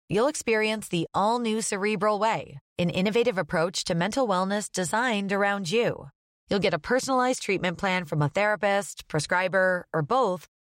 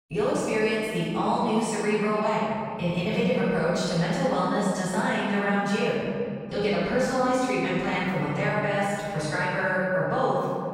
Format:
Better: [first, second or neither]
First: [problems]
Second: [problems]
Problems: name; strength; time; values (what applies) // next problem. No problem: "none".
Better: first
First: none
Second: off-mic speech; far // room echo; strong; dies away in 2.4 s